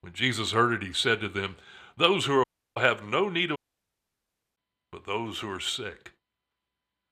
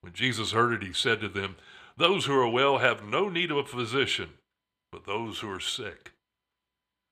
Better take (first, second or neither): second